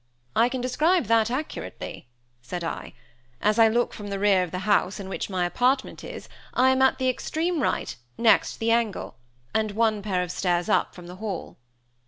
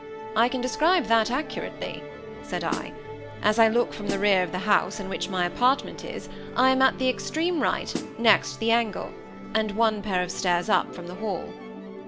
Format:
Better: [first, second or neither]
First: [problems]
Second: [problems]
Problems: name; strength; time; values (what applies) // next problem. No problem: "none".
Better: first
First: none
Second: background sound (Musical instrument + Snare drum); 11 dB below the speech